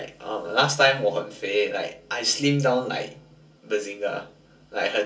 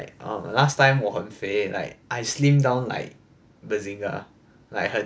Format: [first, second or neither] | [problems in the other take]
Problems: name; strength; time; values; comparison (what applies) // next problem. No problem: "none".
second | room echo; dies away in 0.2 s